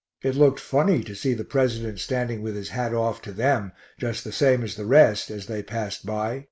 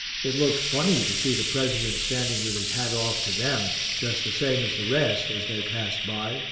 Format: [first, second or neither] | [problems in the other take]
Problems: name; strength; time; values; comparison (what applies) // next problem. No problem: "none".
first | background sound (Frying (food)); as loud as the speech // room echo; dies away in 3 s